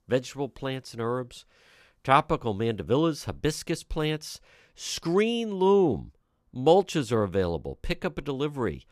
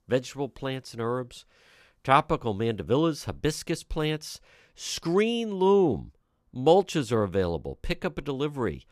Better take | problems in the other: neither | none

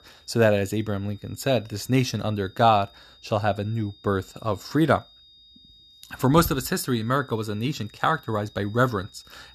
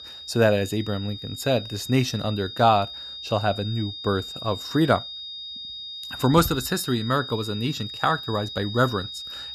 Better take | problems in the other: first | high-pitched whine; loud; throughout; 3.5 kHz, 10 dB below the speech; faint in the first

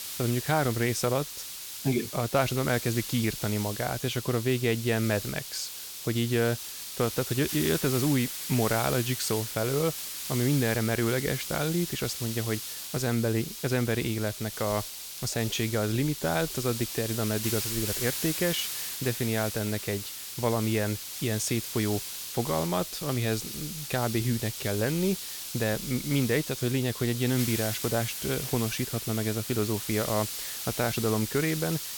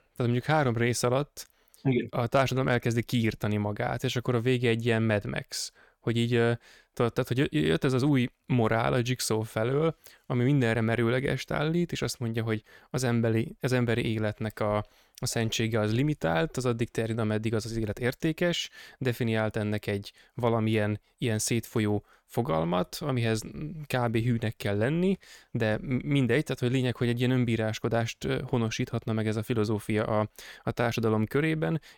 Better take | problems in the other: second | hiss; loud; throughout; 5 dB below the speech

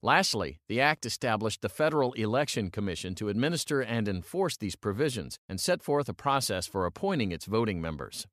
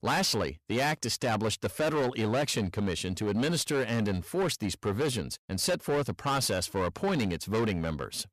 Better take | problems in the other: first | distortion; heavy; 17% of the sound clipped

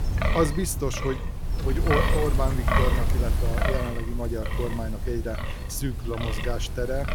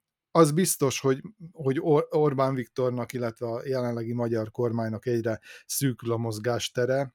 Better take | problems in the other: second | wind noise on the microphone; heavy; 1 dB above the speech

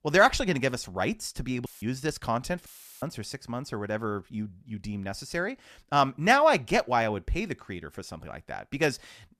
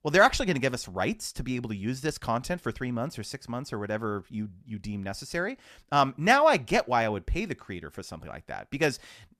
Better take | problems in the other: second | audio cutting out; filled with static; at 1.5 s and at 2.5 s

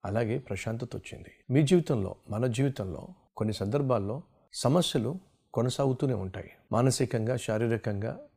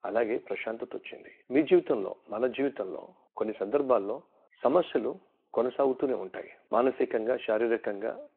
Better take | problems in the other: first | phone-call audio

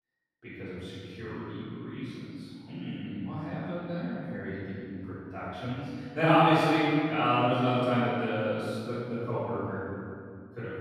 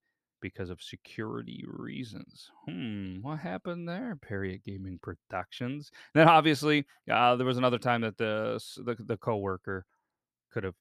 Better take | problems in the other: second | off-mic speech; far // room echo; strong; dies away in 2.3 s

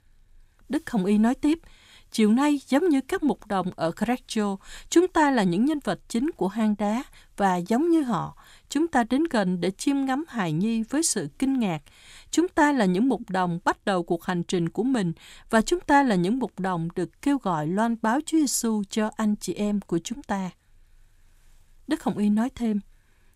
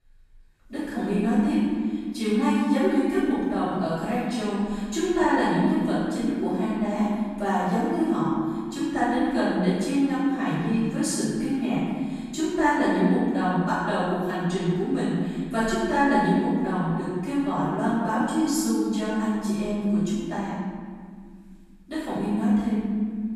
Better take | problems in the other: first | room echo; strong; dies away in 1.8 s // off-mic speech; far

